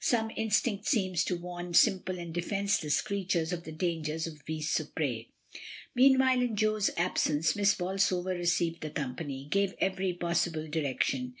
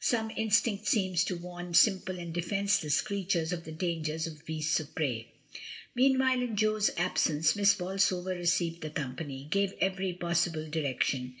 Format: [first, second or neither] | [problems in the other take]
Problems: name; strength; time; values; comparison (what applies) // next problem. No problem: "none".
first | room echo; dies away in 0.7 s